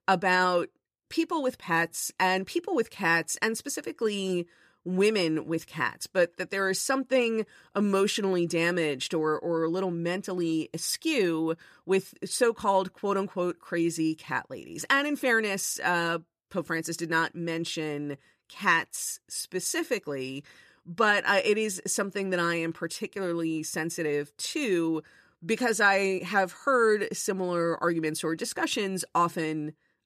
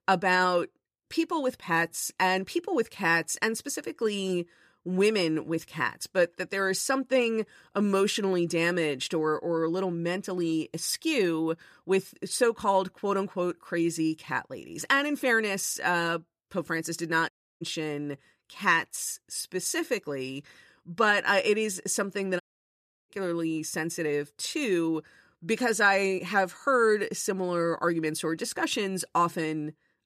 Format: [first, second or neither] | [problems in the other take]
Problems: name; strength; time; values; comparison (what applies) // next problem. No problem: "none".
first | audio cutting out; at 17 s and at 22 s for 0.5 s